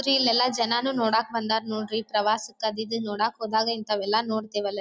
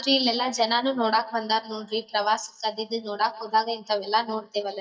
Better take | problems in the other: first | noise reduction (neural mask model DeepFilterNet 3)

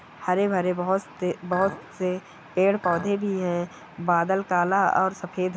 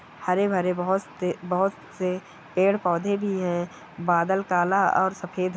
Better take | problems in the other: second | background sound (Chink, clink); 15 dB below the speech

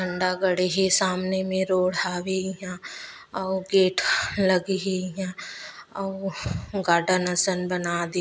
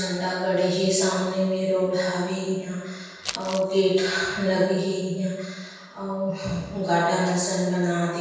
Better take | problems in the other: first | background sound (Crumpling, crinkling); 11 dB below the speech // room echo; dies away in 1.2 s

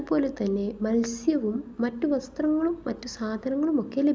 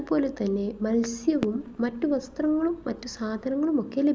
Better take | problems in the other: first | background sound (Fireworks); 17 dB below the speech

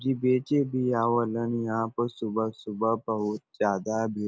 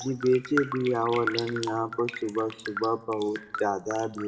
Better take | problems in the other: first | background sound (Raindrop); 10 dB below the speech // room echo; dies away in 2.2 s

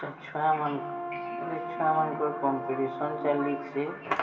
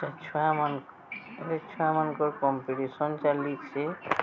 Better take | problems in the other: second | background sound (Brass instrument); 7 dB below the speech // room echo; dies away in 2 s

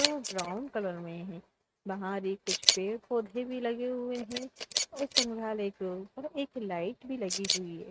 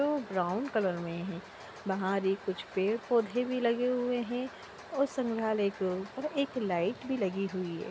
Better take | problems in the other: second | noise reduction (neural mask model RNNoise)

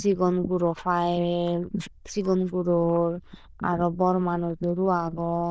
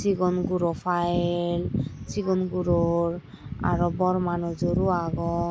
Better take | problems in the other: second | noise reduction (neural diffusion model UNIVERSE++)

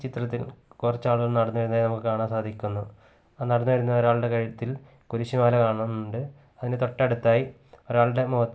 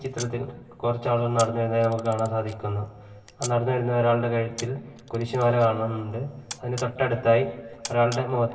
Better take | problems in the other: first | background sound (Camera); 19 dB below the speech // room echo; dies away in 1.4 s

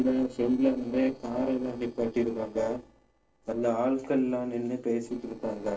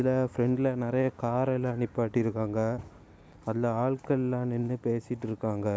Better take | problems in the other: second | noise reduction (neural separator model SepFormer DNS4)

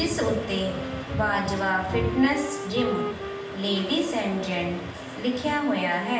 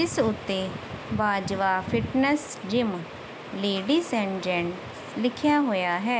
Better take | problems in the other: second | background sound (Wind instrument, woodwind instrument); 10 dB below the speech // room echo; dies away in 0.7 s

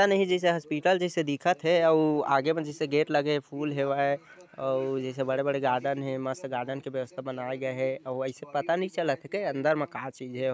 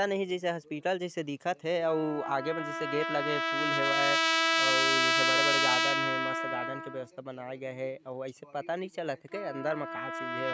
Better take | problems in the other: first | background sound (Trumpet); 3 dB above the speech

